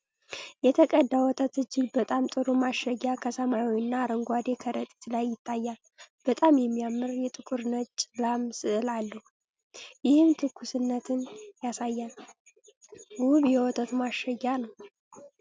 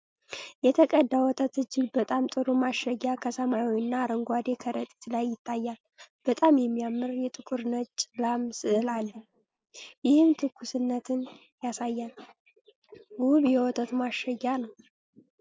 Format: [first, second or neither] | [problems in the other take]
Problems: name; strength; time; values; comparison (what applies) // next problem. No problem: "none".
first | noise reduction (neural mask model Resemble Enhance denoiser)